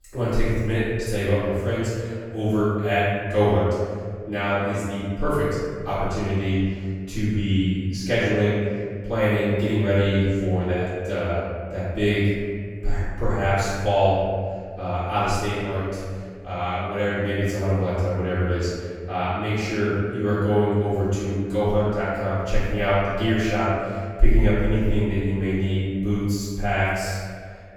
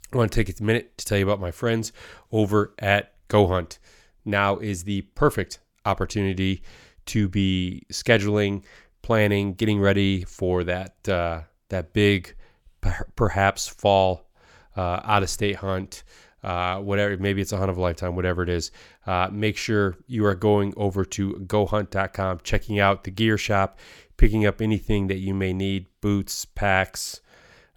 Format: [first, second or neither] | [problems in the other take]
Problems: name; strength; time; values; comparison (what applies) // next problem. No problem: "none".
second | off-mic speech; far // room echo; strong; dies away in 1.9 s